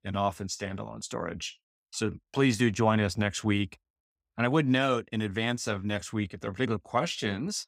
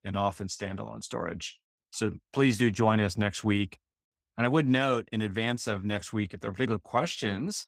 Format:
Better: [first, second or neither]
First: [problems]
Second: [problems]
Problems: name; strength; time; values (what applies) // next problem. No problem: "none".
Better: first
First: none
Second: garbled, watery; slightly; nothing above 15.5 kHz